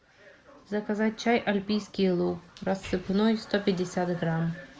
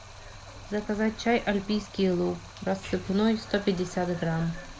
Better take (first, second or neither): first